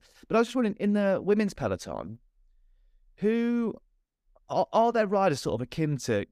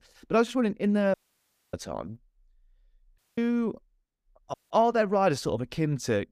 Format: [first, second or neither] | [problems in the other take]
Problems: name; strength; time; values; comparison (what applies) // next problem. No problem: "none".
first | audio cutting out; at 1 s for 0.5 s, at 3 s and at 4.5 s